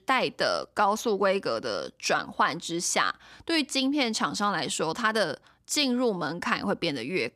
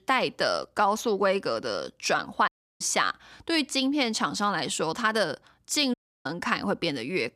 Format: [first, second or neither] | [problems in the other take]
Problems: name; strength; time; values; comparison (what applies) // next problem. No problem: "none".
first | audio cutting out; at 2.5 s and at 6 s